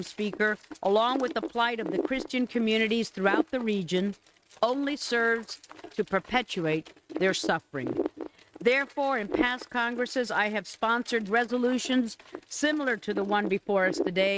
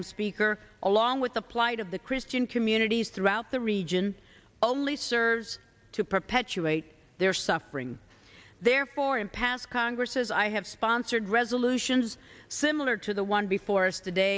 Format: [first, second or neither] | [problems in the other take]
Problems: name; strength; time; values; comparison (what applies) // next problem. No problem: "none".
second | noise reduction (neural mask model RNNoise)